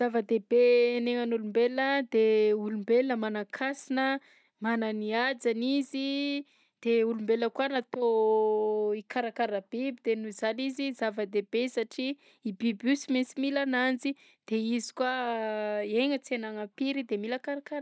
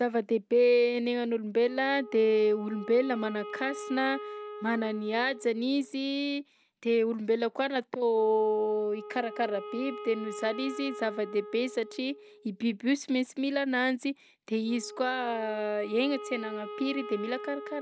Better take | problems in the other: first | background sound (Wind instrument, woodwind instrument); 14 dB below the speech

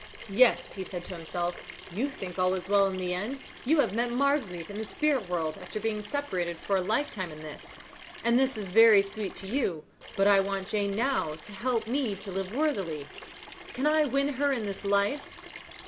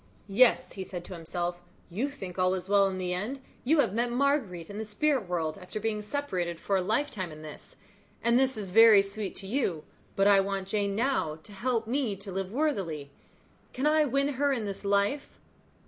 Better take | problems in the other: second | background sound (Sink (filling or washing) / Water tap, faucet); 17 dB below the speech

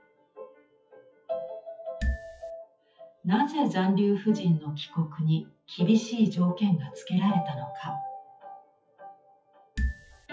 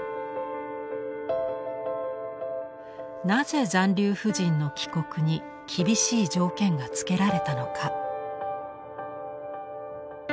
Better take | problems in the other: second | noise reduction (classical method WPE with log-MMSE)

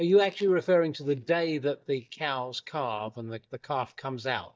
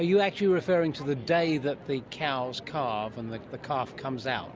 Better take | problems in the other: second | noise reduction (neural mask model DeepFilterNet 3)

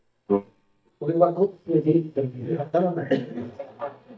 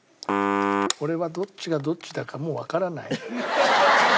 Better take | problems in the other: second | noise reduction (neural mask model DeepFilterNet 3)

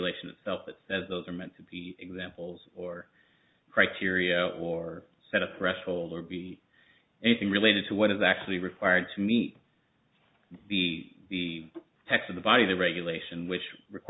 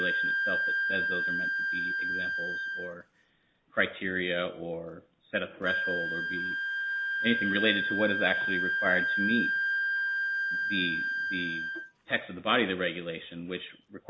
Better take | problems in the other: first | background sound (Wind instrument, woodwind instrument); 2 dB above the speech

